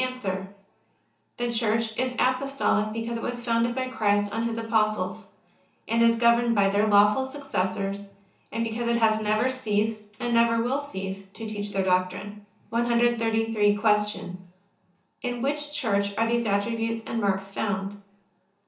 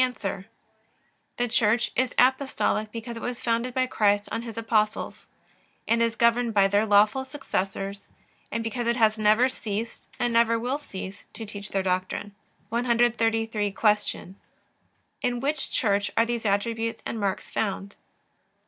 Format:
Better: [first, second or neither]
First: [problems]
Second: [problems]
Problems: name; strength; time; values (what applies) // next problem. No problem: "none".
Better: second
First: room echo; dies away in 0.8 s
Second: none